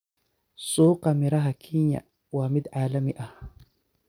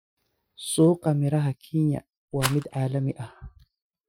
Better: first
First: none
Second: noise reduction (classical method Wiener filter)

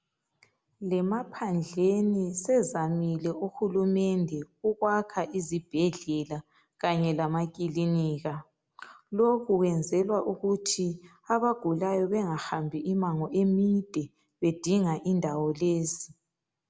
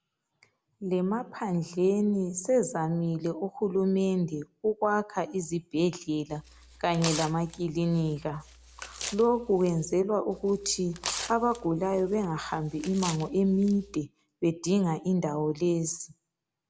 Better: first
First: none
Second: background sound (Tearing); 13 dB below the speech

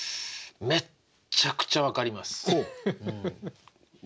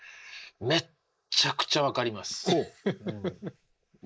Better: first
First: none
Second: noise reduction (neural mask model Resemble Enhance denoiser)

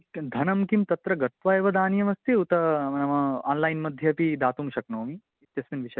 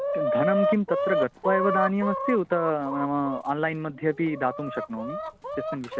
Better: first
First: none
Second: background sound (Chicken, rooster); 2 dB below the speech

